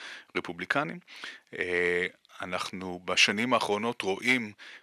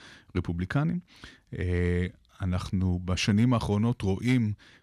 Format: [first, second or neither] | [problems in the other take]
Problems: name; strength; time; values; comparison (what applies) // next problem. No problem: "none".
second | thin; very; fading below 500 Hz